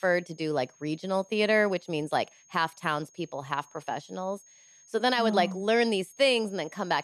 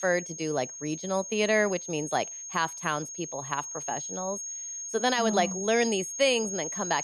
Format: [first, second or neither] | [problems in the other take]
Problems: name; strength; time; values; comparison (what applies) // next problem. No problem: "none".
first | high-pitched whine; loud; throughout; 6.5 kHz, 6 dB below the speech; faint in the first